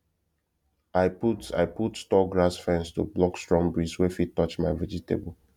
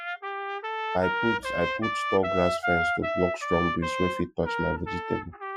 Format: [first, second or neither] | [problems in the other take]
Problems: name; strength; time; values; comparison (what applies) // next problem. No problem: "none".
first | noise reduction (classical method Wiener filter)